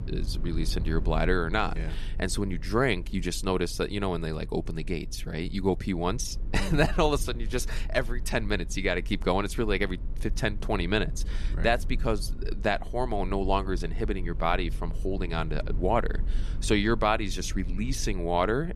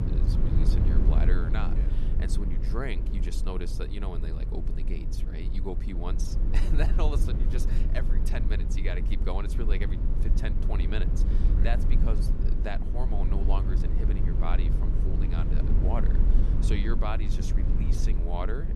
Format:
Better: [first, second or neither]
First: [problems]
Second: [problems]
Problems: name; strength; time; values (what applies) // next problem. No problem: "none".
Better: first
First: low rumble; faint; throughout; 20 dB below the speech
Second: low rumble; loud; throughout; 4 dB below the speech